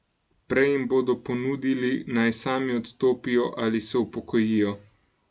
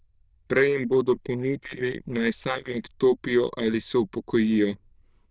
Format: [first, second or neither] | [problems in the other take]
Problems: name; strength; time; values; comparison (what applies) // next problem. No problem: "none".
first | noise reduction (neural diffusion model UNIVERSE++)